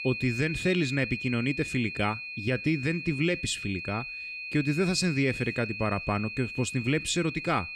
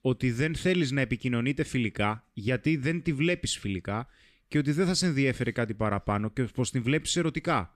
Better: second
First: high-pitched whine; loud; throughout; 2.5 kHz, 7 dB below the speech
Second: none

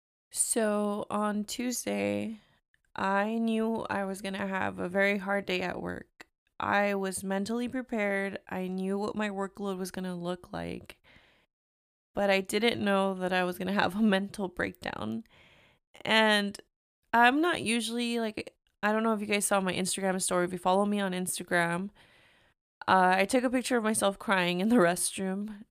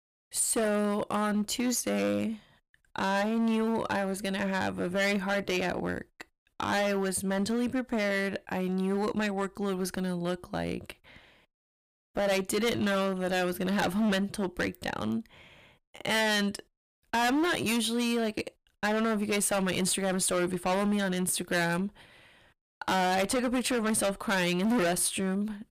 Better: first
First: none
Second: distortion; heavy; 14% of the sound clipped

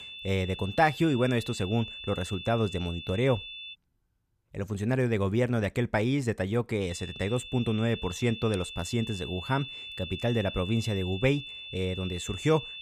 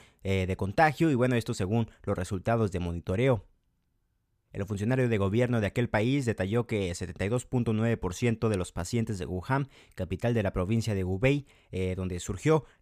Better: second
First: high-pitched whine; noticeable; until 3.5 s and from 7 s on; 3.5 kHz, 10 dB below the speech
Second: none

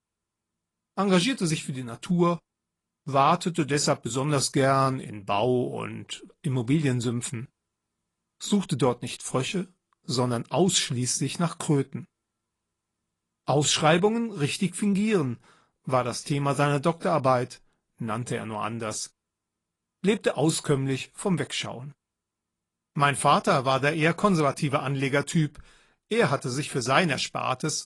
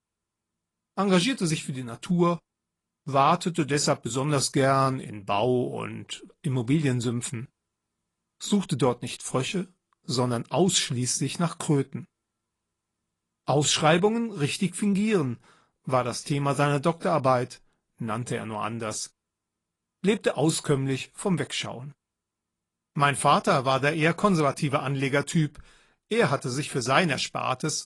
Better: neither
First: garbled, watery; slightly; nothing above 10.5 kHz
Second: garbled, watery; slightly; nothing above 10.5 kHz

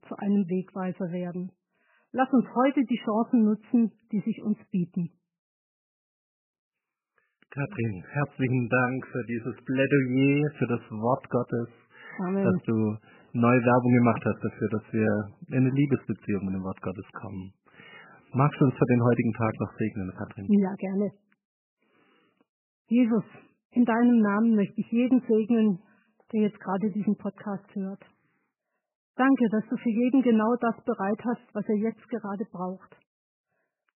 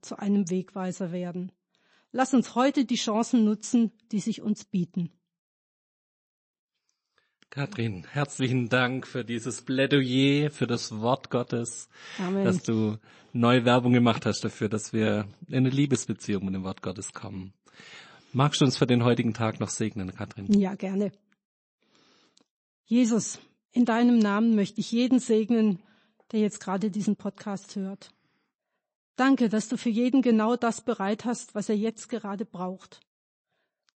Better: second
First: garbled, watery; badly; nothing above 3 kHz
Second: garbled, watery; slightly; nothing above 8 kHz

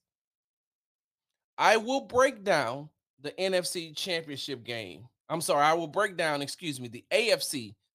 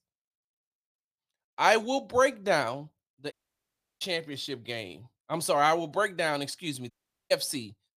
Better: first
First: none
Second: audio cutting out; at 3.5 s for 0.5 s and at 7 s

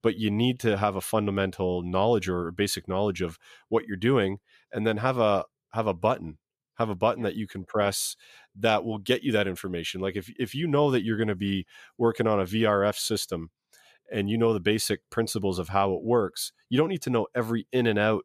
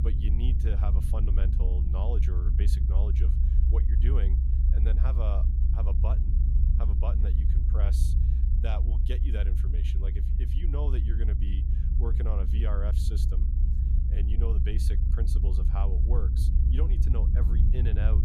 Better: first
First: none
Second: low rumble; loud; throughout; 2 dB below the speech

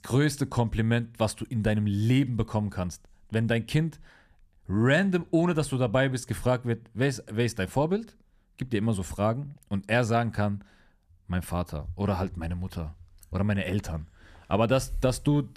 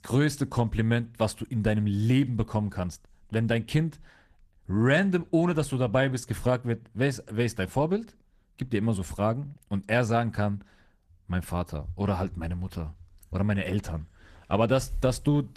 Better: first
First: none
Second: garbled, watery; slightly; nothing above 14.5 kHz

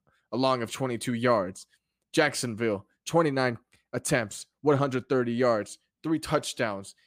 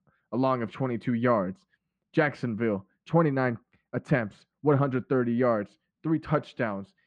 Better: first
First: none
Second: muffled; very; fading above 2 kHz

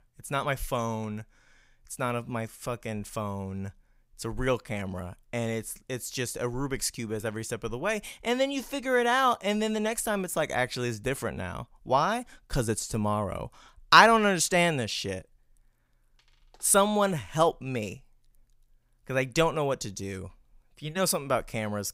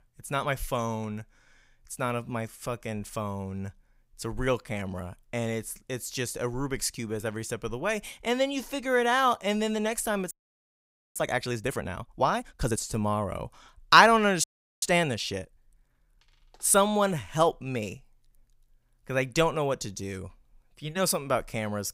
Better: first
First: none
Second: audio freezing; at 10 s for 1 s and at 14 s

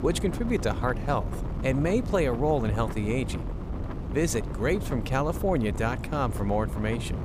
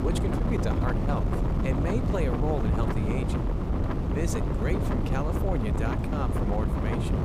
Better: first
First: wind noise on the microphone; occasional gusts; 10 dB below the speech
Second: wind noise on the microphone; heavy; 1 dB above the speech

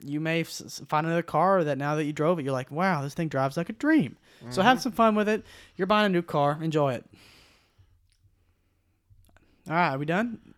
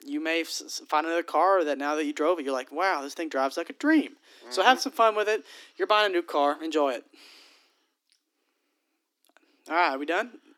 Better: first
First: none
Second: thin; very slightly; fading below 250 Hz

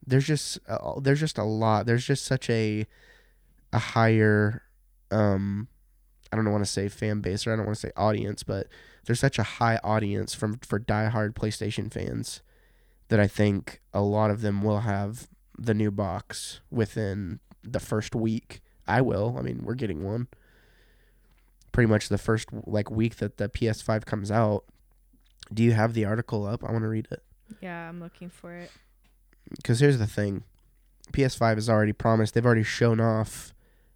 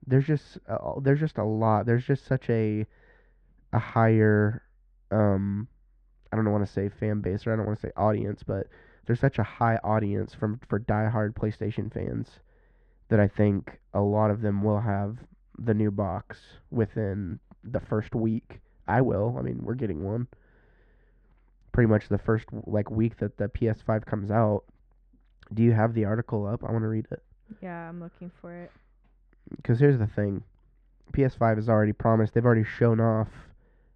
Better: first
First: none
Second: muffled; very; fading above 1.5 kHz

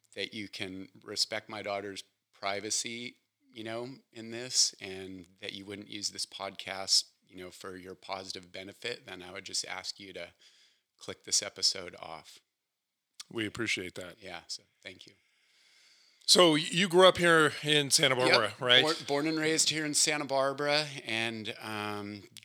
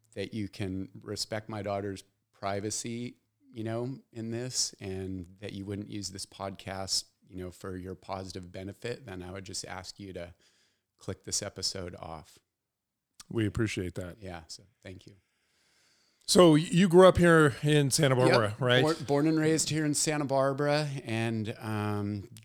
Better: second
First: thin; very slightly; fading below 900 Hz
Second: none

